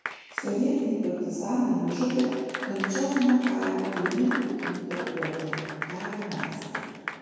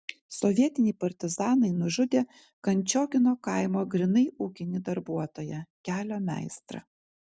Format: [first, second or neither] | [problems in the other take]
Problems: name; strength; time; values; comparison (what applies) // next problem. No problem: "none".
second | background sound (Applause / Clapping); 9 dB below the speech // room echo; dies away in 2.2 s